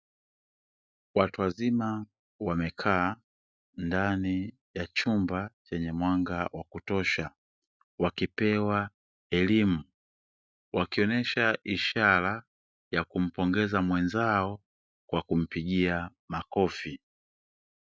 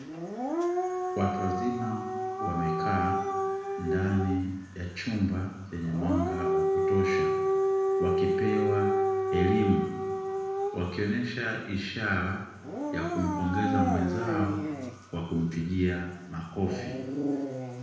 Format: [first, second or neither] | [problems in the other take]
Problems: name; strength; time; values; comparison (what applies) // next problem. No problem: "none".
first | background sound (Siren / Dog); 1 dB above the speech // room echo; dies away in 1 s